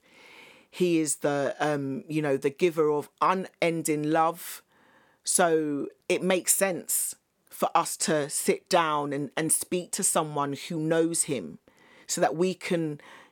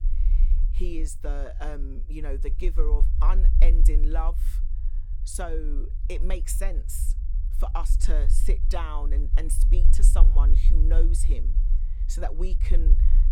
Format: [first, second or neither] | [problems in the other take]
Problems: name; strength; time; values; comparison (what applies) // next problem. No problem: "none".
first | low rumble; noticeable; throughout; 10 dB below the speech